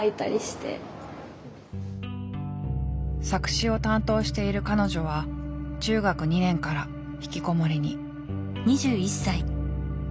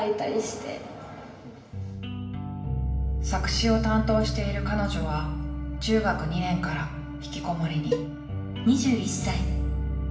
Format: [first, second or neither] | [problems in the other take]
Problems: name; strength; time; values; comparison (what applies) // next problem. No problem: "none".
first | background sound (Cowbell); 9 dB below the speech // room echo; dies away in 0.9 s